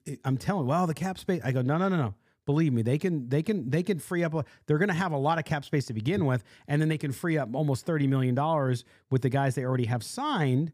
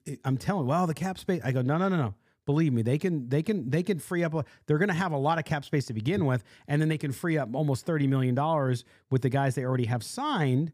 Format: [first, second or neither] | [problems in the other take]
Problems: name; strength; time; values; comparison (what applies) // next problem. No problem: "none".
neither | none